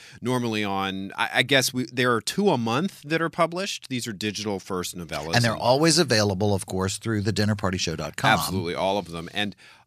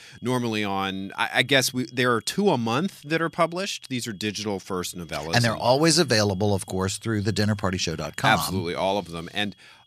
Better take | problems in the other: first | high-pitched whine; faint; throughout; 3.5 kHz, 30 dB below the speech

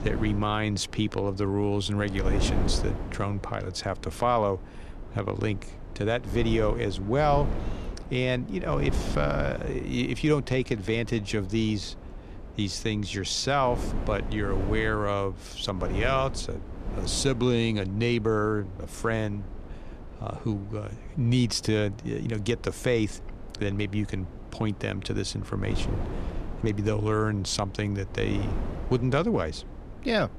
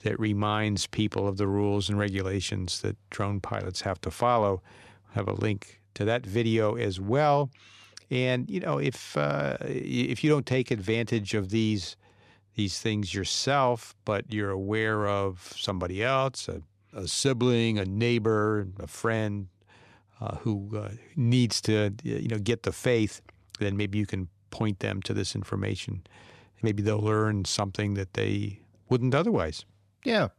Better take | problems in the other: second | wind noise on the microphone; occasional gusts; 15 dB below the speech

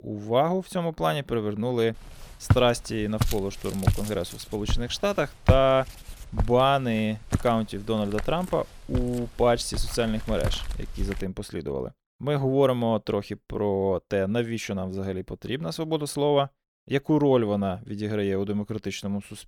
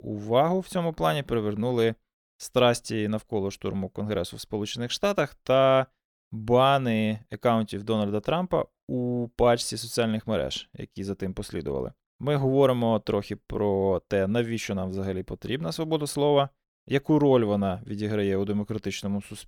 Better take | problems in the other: second | footsteps; loud; from 2.5 to 11 s; peak 2 dB above the speech

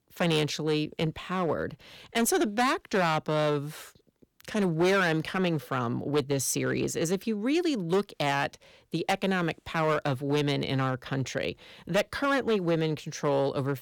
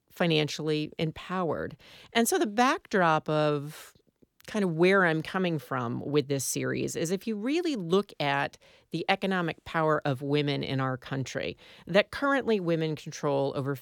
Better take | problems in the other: second | distortion; slight; 6% of the sound clipped

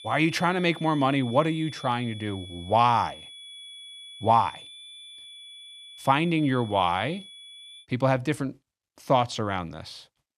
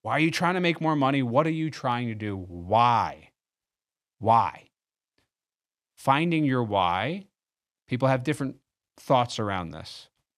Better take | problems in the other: second | high-pitched whine; noticeable; until 8 s; 3.5 kHz, 15 dB below the speech

